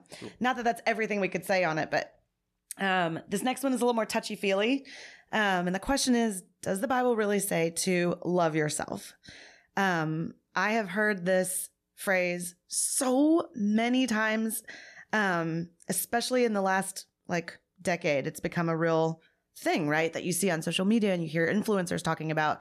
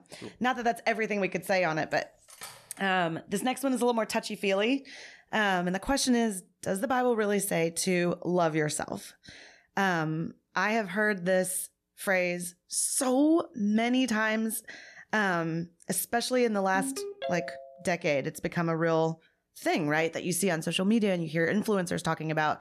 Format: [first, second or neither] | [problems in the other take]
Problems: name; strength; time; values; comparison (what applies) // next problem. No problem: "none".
first | clattering dishes; faint; at 2 s; peak 15 dB below the speech // phone ringing; noticeable; at 17 s; peak 7 dB below the speech